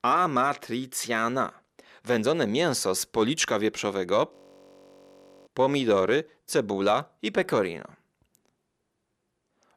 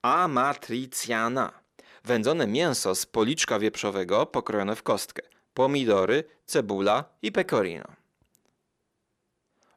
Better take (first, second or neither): second